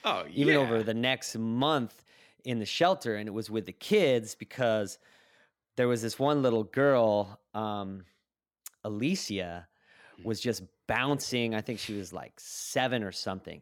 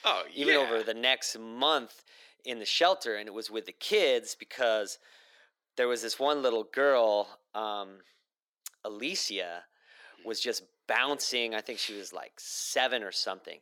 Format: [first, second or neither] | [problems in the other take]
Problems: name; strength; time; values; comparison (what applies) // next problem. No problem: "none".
first | thin; somewhat; fading below 400 Hz